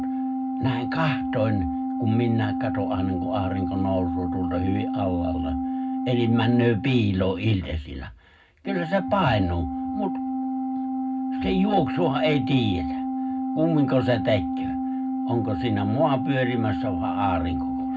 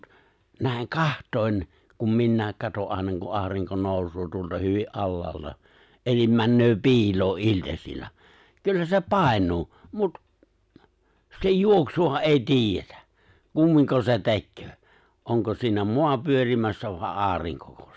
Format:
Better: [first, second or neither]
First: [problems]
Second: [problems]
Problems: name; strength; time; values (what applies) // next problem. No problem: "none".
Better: second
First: background sound (Organ); 2 dB below the speech // room echo; dies away in 0.3 s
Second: none